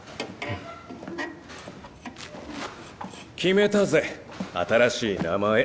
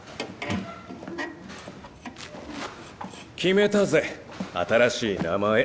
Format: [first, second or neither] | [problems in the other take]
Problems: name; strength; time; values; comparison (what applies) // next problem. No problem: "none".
first | background sound (Sliding door); 19 dB below the speech